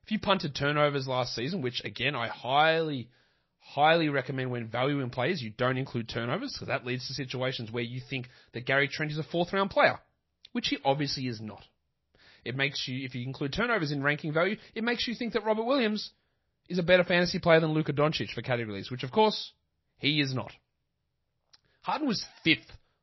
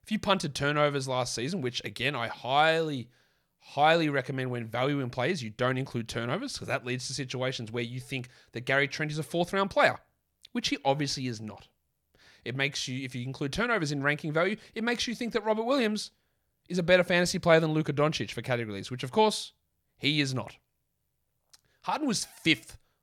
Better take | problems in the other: second | garbled, watery; slightly; nothing above 5.5 kHz

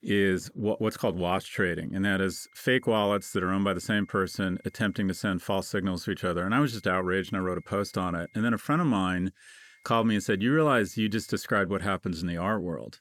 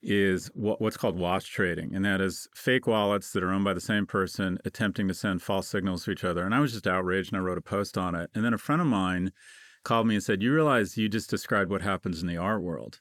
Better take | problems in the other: second | high-pitched whine; faint; from 2 to 5 s, from 6.5 to 8.5 s and from 9.5 to 11 s; 2 kHz, 30 dB below the speech

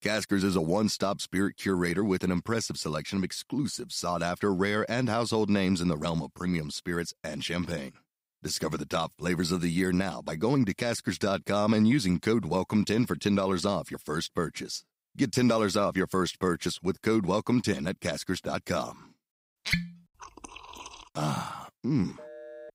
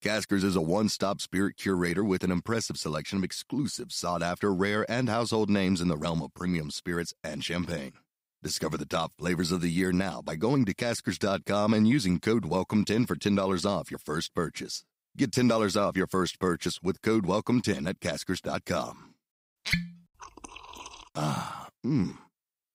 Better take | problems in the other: second | phone ringing; faint; at 22 s; peak 15 dB below the speech

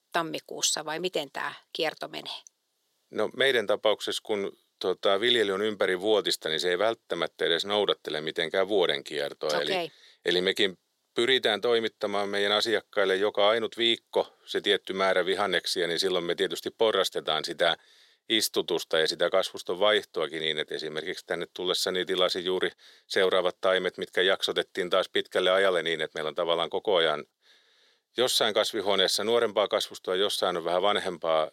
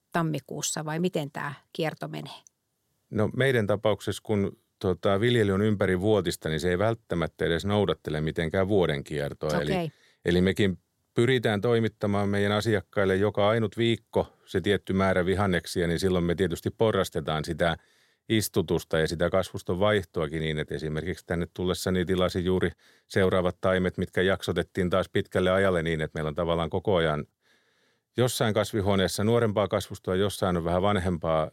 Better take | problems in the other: second | thin; somewhat; fading below 450 Hz

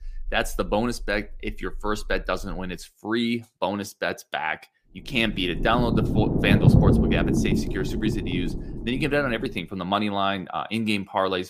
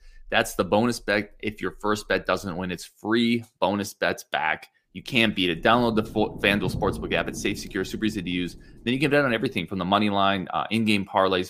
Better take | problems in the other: second | low rumble; loud; until 2.5 s and from 5 to 9.5 s; 4 dB below the speech; faint in the second

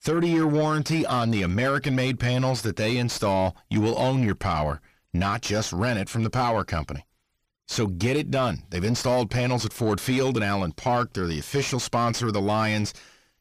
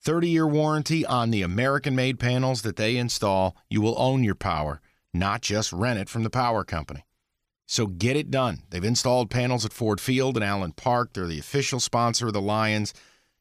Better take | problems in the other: second | distortion; slight; 10 dB below the speech

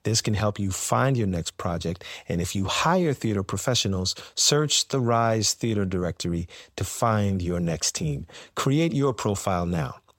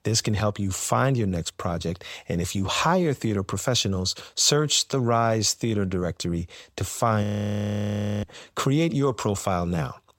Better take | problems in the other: first | audio freezing; at 7 s for 1 s

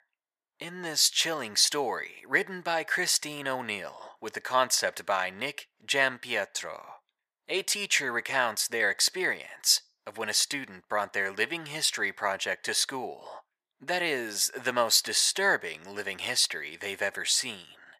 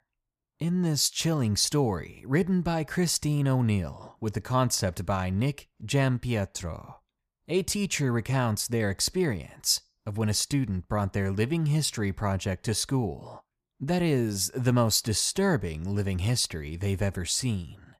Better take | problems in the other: second | thin; very; fading below 600 Hz

